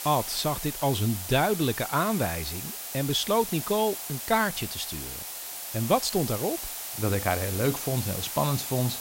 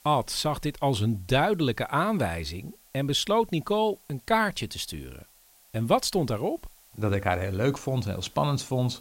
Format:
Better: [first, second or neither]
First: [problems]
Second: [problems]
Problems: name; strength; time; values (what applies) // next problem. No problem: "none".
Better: second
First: hiss; loud; throughout; 6 dB below the speech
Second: hiss; faint; throughout; 25 dB below the speech